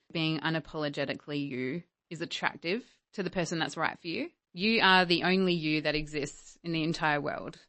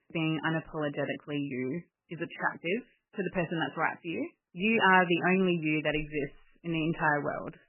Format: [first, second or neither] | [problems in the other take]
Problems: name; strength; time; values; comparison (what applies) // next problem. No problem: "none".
first | garbled, watery; badly; nothing above 3 kHz; slightly in the first